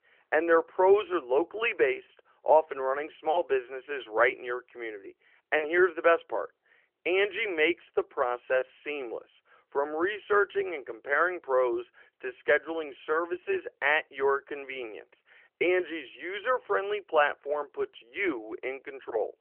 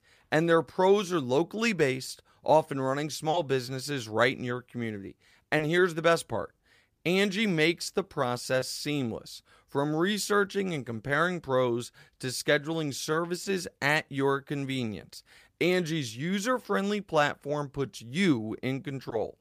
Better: second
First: phone-call audio; nothing above 3 kHz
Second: none

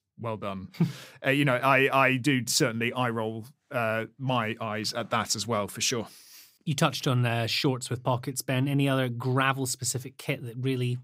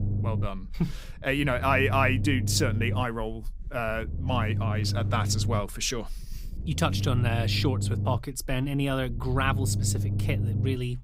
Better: first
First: none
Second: low rumble; noticeable; throughout; 15 dB below the speech

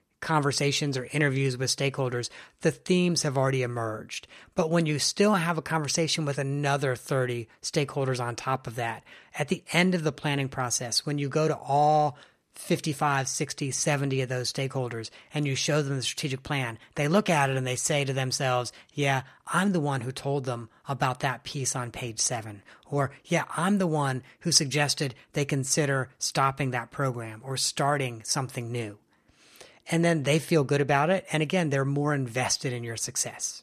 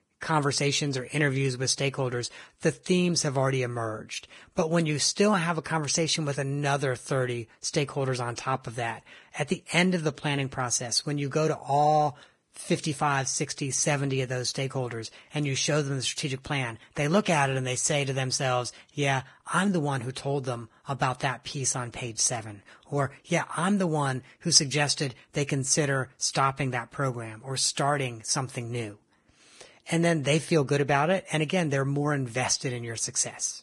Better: first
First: none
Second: garbled, watery; badly; nothing above 10 kHz

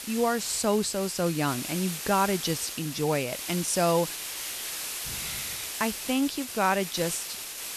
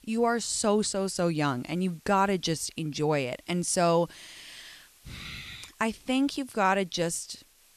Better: second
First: hiss; loud; throughout; 6 dB below the speech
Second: hiss; faint; throughout; 30 dB below the speech

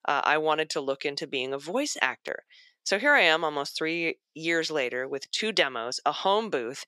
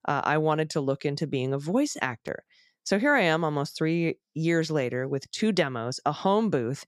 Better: second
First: thin; somewhat; fading below 400 Hz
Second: none

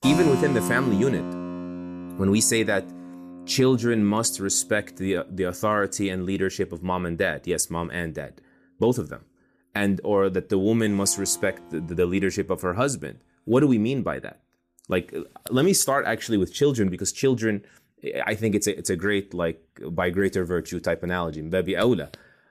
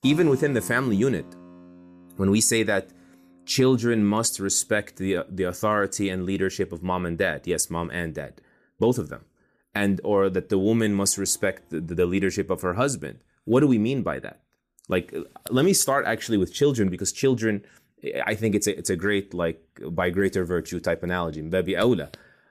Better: second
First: background music; loud; throughout; 10 dB below the speech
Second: background music; faint; throughout; 25 dB below the speech

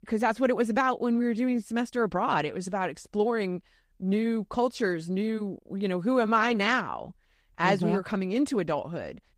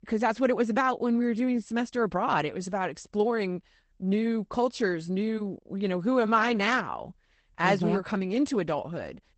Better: first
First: garbled, watery; slightly; nothing above 15.5 kHz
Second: garbled, watery; badly; nothing above 8 kHz

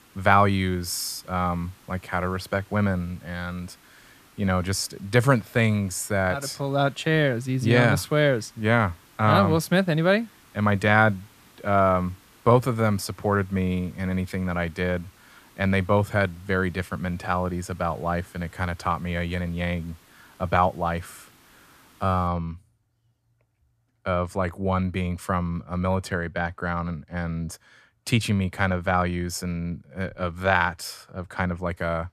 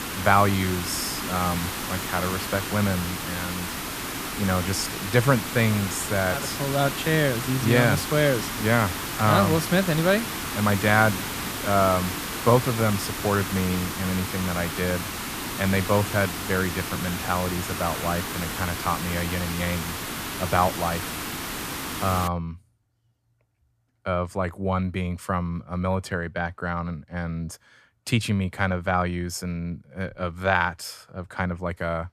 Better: first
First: hiss; faint; until 22 s; 30 dB below the speech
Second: hiss; loud; until 22 s; 4 dB below the speech

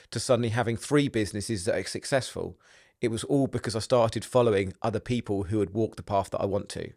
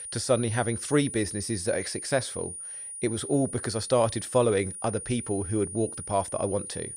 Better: first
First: none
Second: high-pitched whine; loud; throughout; 9.5 kHz, 8 dB below the speech

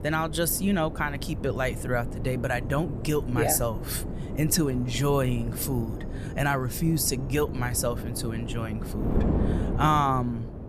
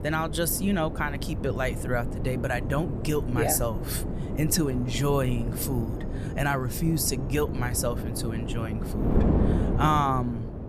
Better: first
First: wind noise on the microphone; occasional gusts; 10 dB below the speech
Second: wind noise on the microphone; heavy; 8 dB below the speech

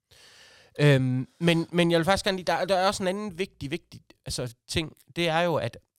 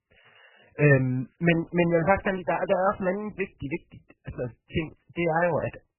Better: first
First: none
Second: garbled, watery; badly; nothing above 3 kHz

